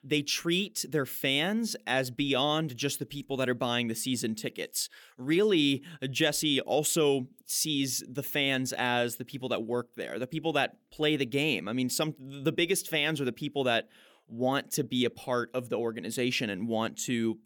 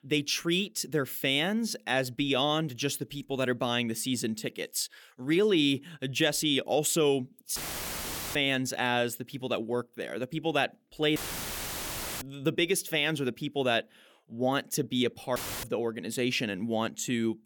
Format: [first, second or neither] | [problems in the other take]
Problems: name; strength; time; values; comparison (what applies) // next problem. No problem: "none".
first | audio cutting out; filled with static; at 7.5 s for 1 s, at 11 s for 1 s and at 15 s